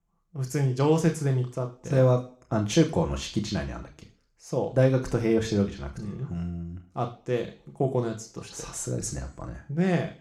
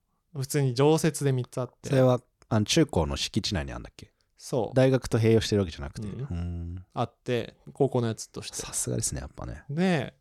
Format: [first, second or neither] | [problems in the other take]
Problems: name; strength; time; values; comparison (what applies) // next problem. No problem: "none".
second | room echo; very slight; dies away in 0.4 s